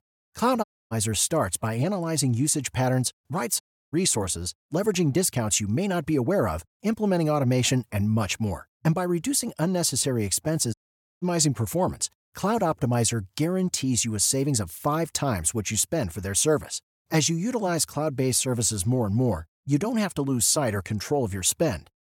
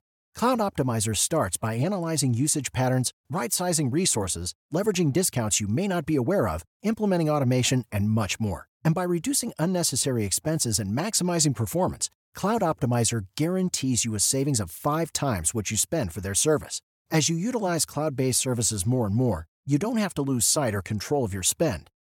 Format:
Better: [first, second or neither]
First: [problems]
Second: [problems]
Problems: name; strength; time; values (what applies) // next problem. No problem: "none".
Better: second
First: audio cutting out; at 0.5 s, at 3.5 s and at 11 s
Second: none